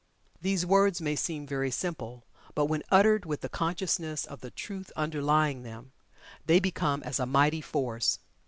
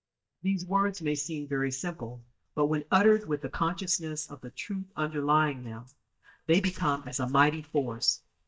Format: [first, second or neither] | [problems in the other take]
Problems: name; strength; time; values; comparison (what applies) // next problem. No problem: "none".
first | noise reduction (neural mask model DeepFilterNet 3)